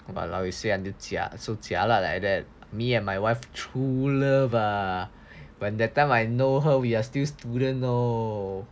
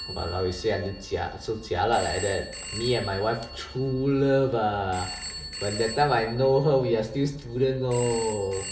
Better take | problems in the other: first | background sound (Telephone); 13 dB below the speech // room echo; dies away in 0.7 s

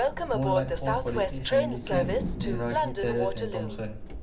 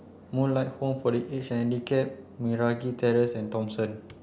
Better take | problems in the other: second | background sound (Train); 4 dB above the speech // room echo; dies away in 0.4 s

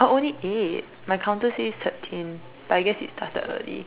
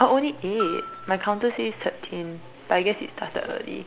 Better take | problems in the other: first | background sound (Bell); 12 dB below the speech

